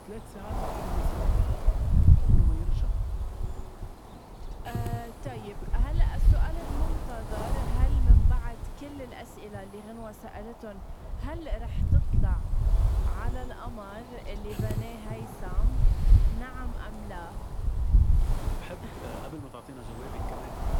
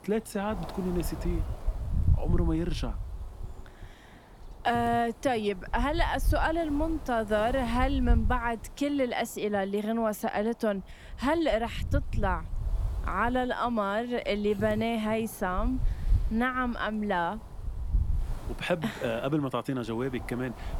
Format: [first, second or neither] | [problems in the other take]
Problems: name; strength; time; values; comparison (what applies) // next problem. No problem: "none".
second | wind noise on the microphone; heavy; 1 dB above the speech; occasional gusts in the second